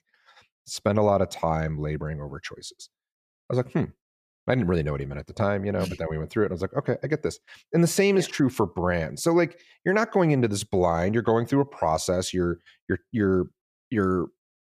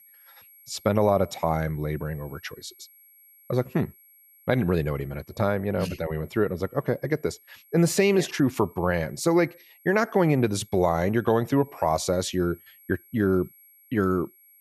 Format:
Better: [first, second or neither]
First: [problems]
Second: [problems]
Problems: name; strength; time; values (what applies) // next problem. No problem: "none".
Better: first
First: none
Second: high-pitched whine; faint; throughout; 11.5 kHz, 25 dB below the speech